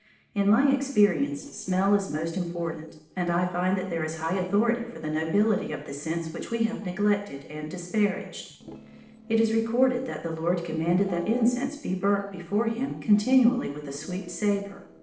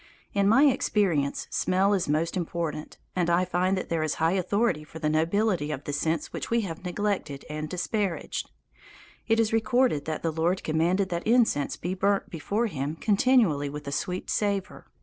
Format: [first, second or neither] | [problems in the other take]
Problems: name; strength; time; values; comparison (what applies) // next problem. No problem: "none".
second | noise reduction (neural separator model SepFormer DNS4)